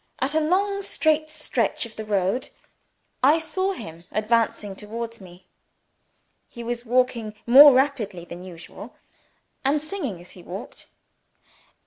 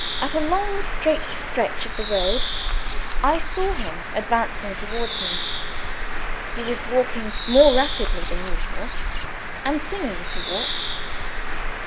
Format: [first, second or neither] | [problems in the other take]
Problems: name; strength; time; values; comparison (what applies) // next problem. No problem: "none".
first | background sound (Bird); 1 dB above the speech